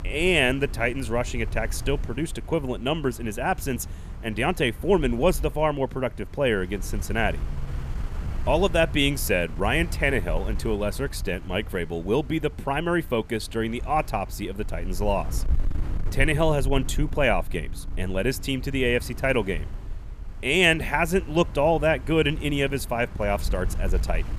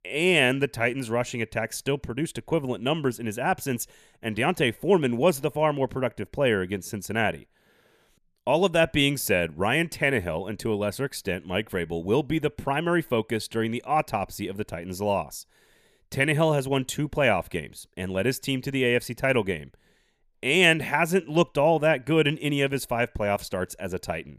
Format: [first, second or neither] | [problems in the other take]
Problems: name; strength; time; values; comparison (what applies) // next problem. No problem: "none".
second | wind noise on the microphone; occasional gusts; 20 dB below the speech